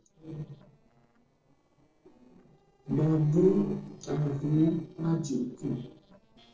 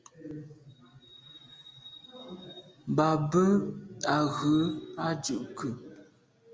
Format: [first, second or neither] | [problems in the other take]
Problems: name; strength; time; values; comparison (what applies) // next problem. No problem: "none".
second | noise reduction (neural separator model SepFormer DNS4)